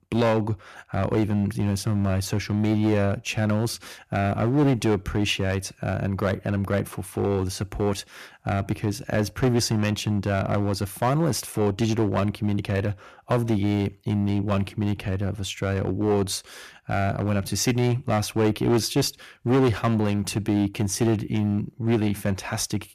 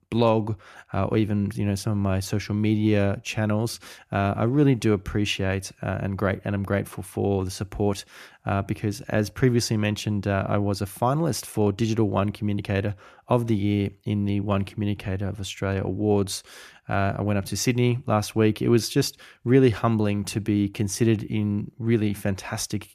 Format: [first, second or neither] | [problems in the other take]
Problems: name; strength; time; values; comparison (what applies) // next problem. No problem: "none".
second | distortion; slight; 6% of the sound clipped